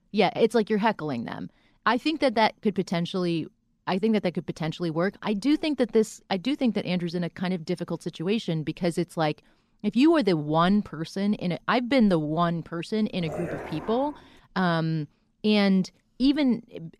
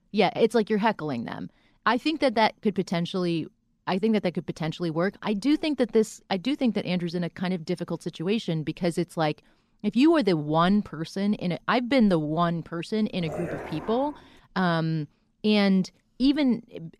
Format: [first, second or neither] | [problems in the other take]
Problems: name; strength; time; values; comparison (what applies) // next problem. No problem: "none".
neither | dog barking; noticeable; from 13 to 14 s; peak 9 dB below the speech; the same in both